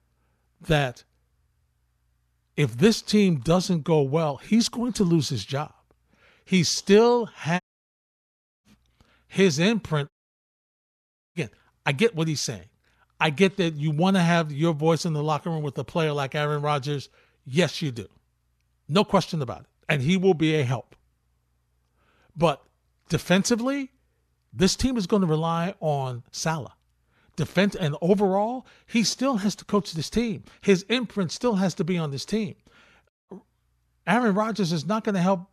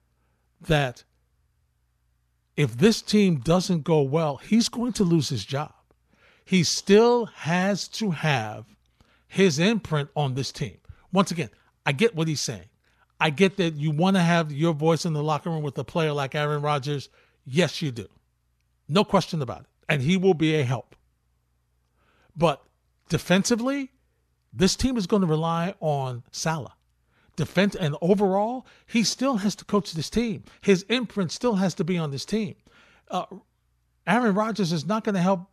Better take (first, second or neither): second